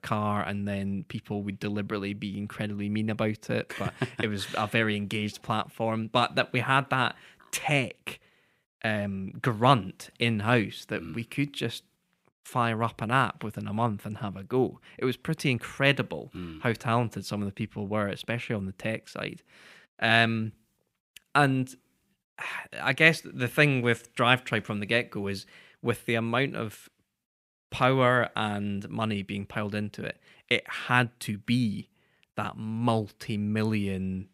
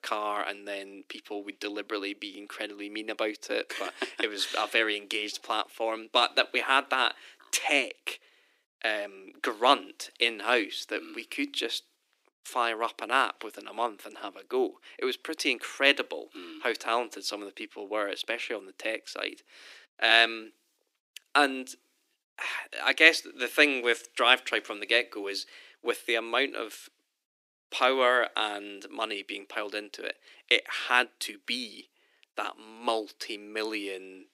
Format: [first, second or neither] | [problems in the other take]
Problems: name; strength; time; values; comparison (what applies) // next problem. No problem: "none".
first | thin; somewhat; fading below 300 Hz